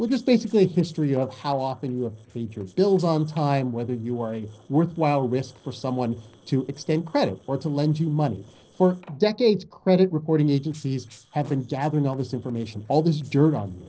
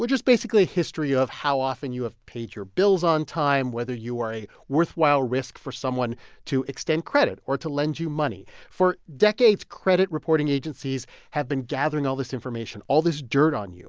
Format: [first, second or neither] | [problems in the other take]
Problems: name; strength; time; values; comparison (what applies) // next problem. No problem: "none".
second | noise reduction (neural separator model SepFormer DNS4)